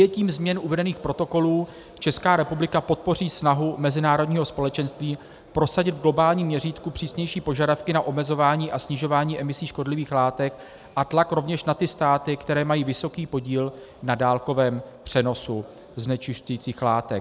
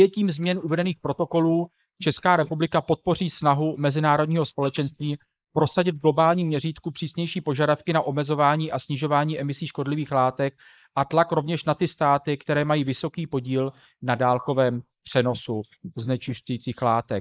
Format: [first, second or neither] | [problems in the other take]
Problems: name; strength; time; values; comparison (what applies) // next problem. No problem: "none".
first | noise reduction (neural mask model Resemble Enhance denoiser)